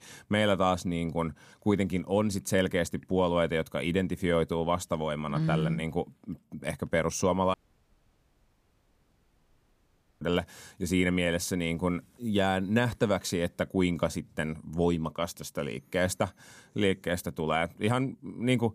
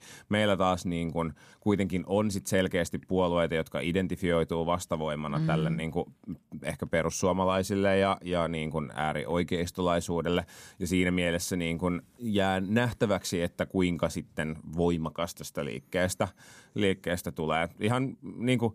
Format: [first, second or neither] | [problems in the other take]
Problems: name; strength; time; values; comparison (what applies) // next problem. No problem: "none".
second | audio cutting out; at 7.5 s for 2.5 s